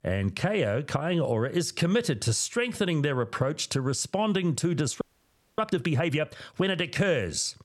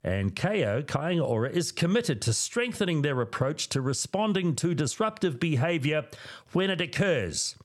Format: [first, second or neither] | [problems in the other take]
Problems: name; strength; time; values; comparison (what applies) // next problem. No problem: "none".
second | audio freezing; at 5 s for 0.5 s